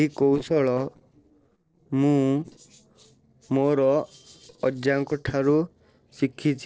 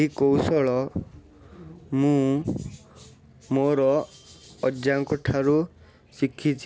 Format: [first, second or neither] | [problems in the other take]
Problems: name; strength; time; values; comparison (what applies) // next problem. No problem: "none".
second | noise reduction (neural separator model SepFormer DNS4)